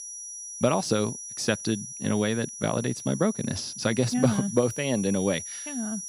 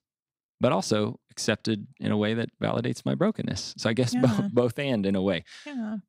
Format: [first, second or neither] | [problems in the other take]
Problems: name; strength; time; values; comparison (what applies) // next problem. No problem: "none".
second | high-pitched whine; loud; throughout; 6 kHz, 9 dB below the speech